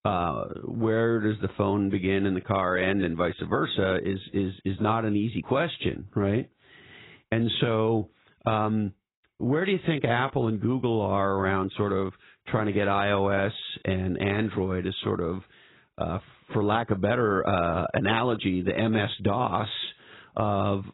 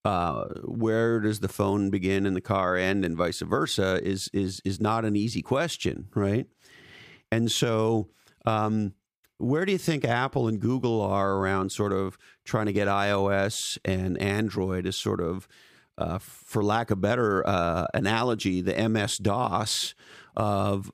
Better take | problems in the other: second | garbled, watery; badly; nothing above 4 kHz

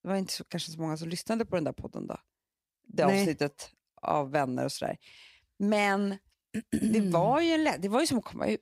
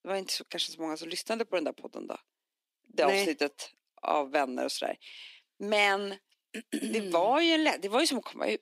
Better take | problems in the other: first | thin; somewhat; fading below 250 Hz

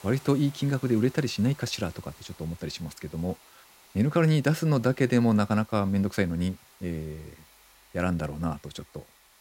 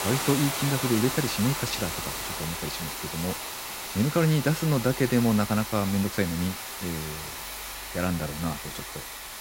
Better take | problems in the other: first | hiss; loud; throughout; 5 dB below the speech; faint in the first

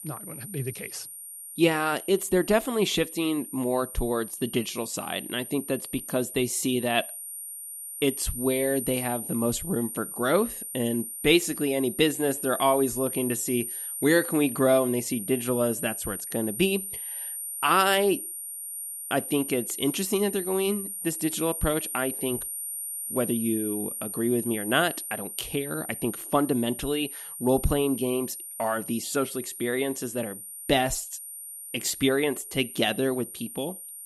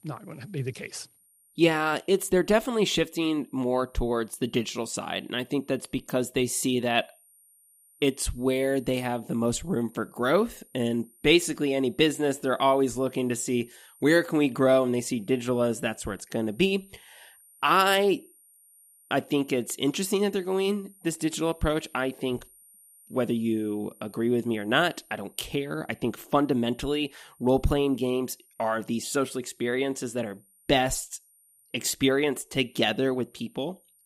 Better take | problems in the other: second | high-pitched whine; loud; throughout; 9 kHz, 7 dB below the speech; faint in the second

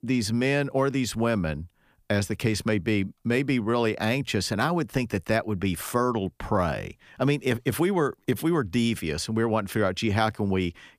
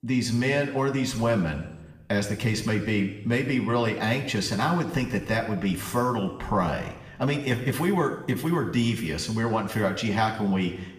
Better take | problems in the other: first | room echo; slight; dies away in 0.9 s // off-mic speech; somewhat distant

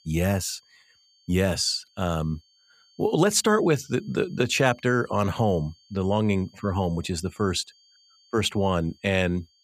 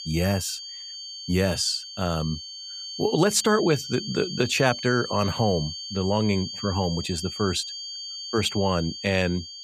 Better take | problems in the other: first | high-pitched whine; loud; throughout; 4.5 kHz, 9 dB below the speech; faint in the first

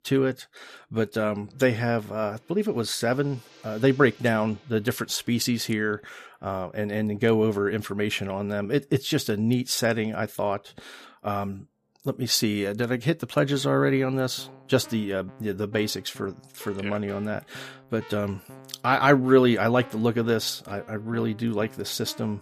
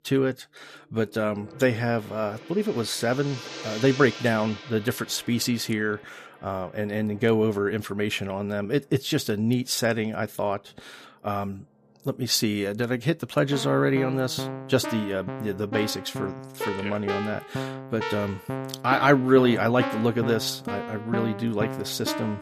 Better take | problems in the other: first | background music; loud; throughout; 9 dB below the speech; faint in the first

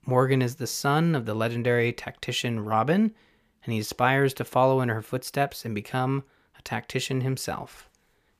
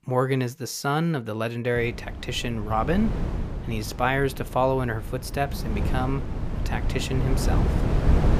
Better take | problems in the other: first | wind noise on the microphone; heavy; from 2 s on; 9 dB below the speech

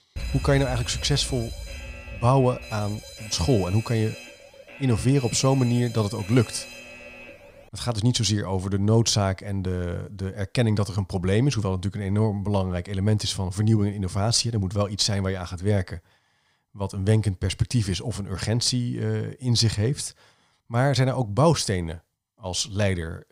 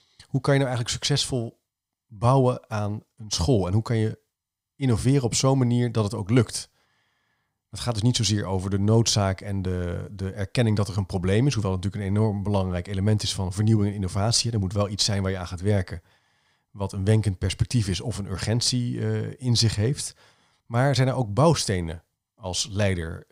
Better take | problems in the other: second | alarm; noticeable; until 7.5 s; peak 7 dB below the speech

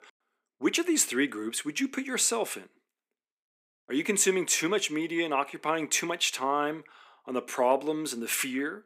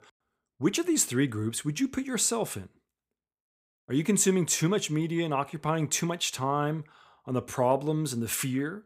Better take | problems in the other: second | thin; very slightly; fading below 250 Hz

